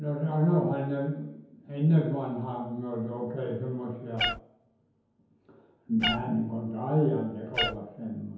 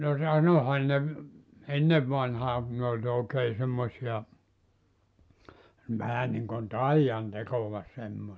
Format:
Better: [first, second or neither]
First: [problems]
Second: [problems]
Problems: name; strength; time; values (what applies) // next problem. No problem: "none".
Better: second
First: background sound (Meow); 4 dB below the speech // room echo; dies away in 0.9 s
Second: none